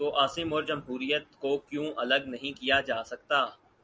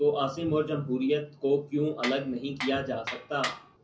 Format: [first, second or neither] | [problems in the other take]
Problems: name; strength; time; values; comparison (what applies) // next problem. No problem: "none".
first | background sound (Tools); 10 dB below the speech // room echo; dies away in 0.4 s